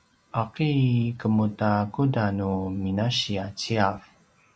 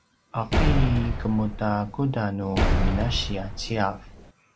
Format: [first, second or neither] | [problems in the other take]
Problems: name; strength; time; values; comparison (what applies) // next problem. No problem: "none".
first | background sound (Slam); 1 dB above the speech